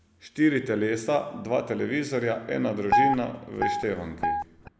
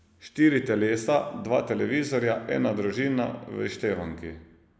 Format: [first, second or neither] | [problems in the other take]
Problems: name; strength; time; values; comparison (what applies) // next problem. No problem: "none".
second | background sound (Guitar); 1 dB above the speech